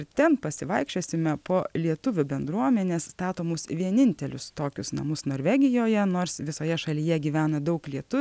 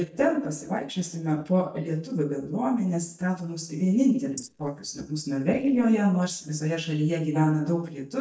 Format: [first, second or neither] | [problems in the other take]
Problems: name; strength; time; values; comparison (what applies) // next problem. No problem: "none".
first | noise reduction (neural mask model DeepFilterNet 3)